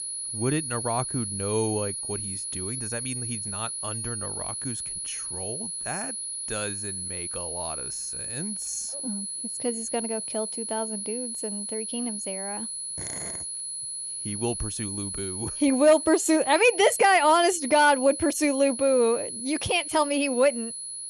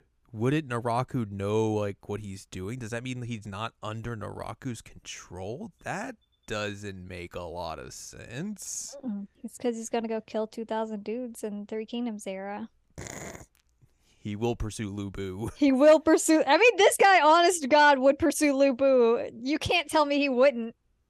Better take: second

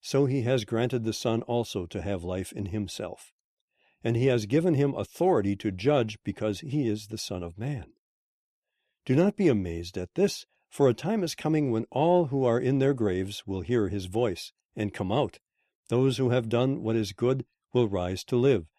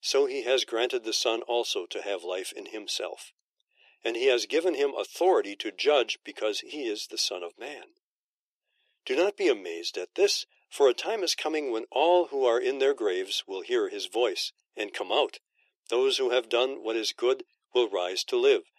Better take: first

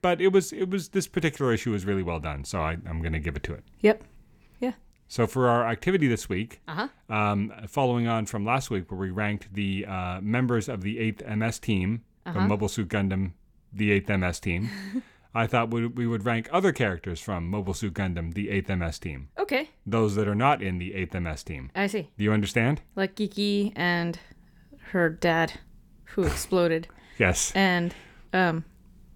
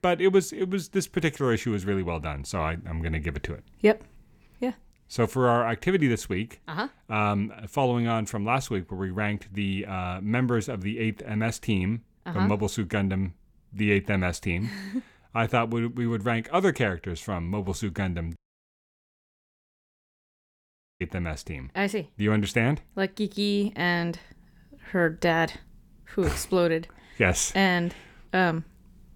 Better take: first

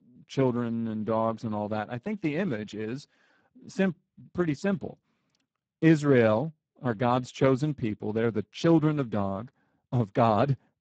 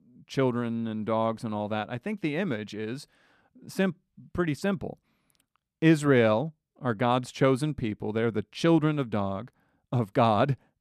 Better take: second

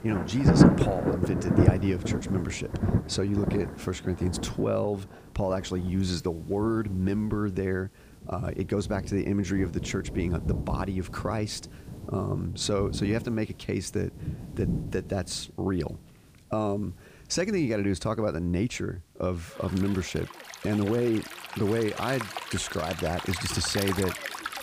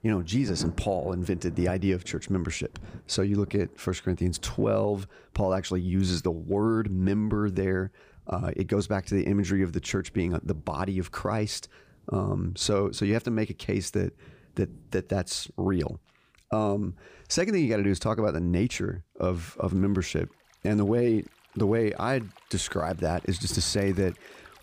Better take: second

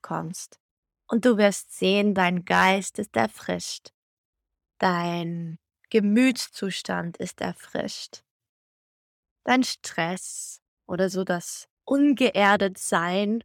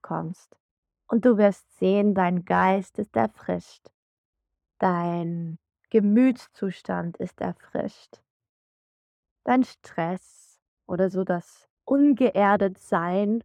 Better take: first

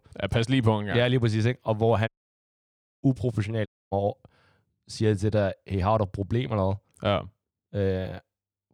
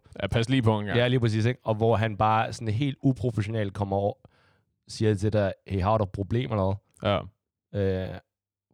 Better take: second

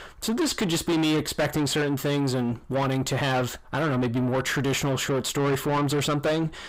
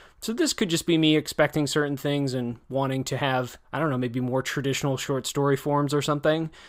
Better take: second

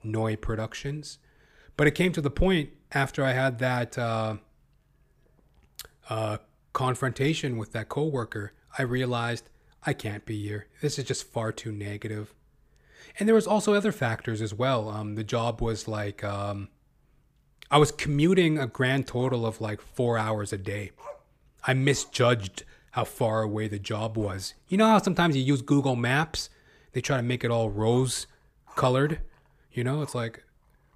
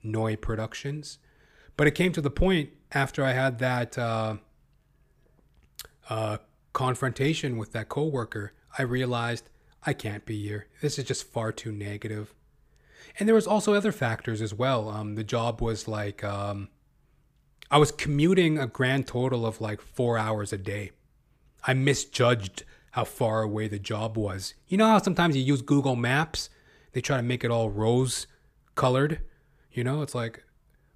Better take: second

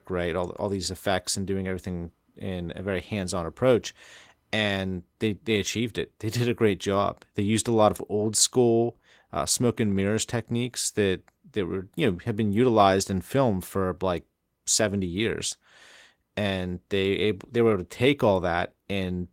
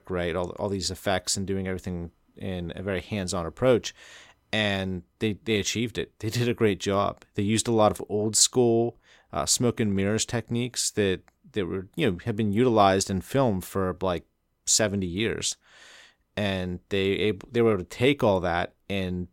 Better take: second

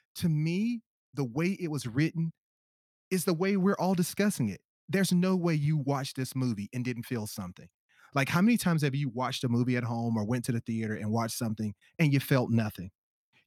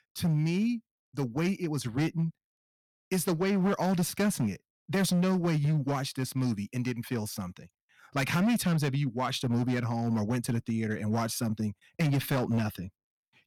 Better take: first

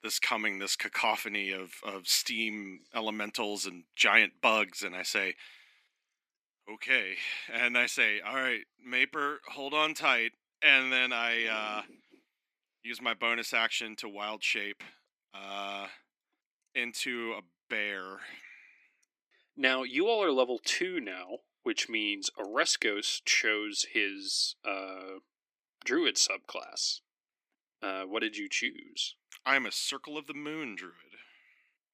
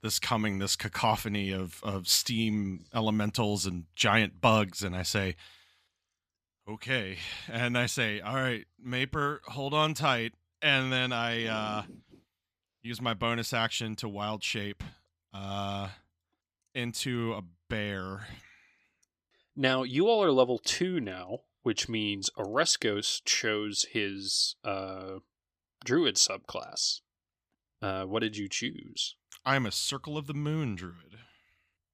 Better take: second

